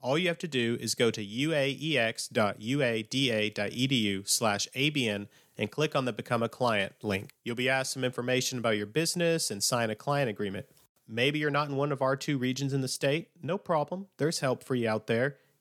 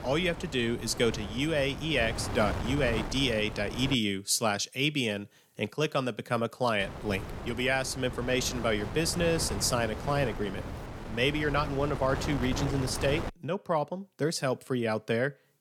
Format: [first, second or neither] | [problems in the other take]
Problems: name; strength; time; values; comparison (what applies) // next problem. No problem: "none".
first | wind noise on the microphone; occasional gusts; until 4 s and from 7 to 13 s; 10 dB below the speech